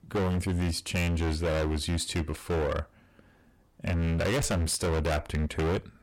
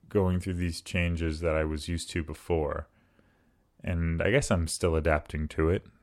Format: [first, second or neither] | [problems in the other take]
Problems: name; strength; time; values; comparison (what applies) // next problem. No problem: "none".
second | distortion; heavy; 27% of the sound clipped